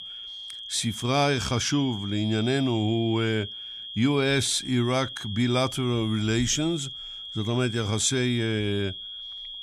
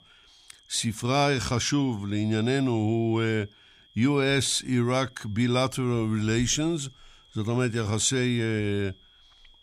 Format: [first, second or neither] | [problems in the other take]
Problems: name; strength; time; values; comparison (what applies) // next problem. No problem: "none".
second | high-pitched whine; loud; throughout; 3.5 kHz, 10 dB below the speech; faint in the second